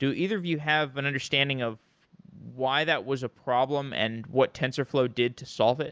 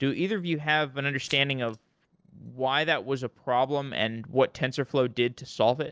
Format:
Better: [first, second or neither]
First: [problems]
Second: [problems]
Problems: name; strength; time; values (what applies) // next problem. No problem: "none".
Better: first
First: none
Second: noise reduction (neural separator model SepFormer DNS4)